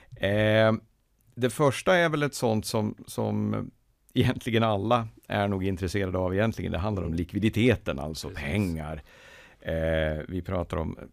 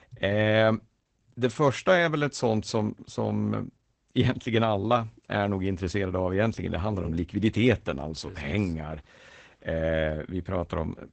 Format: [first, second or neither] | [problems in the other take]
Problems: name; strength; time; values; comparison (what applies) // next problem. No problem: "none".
first | garbled, watery; badly; nothing above 8 kHz